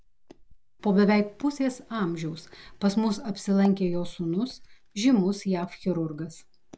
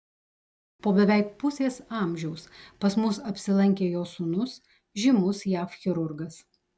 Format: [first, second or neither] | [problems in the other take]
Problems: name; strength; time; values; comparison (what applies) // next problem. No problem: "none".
second | background sound (Walk, footsteps); 18 dB below the speech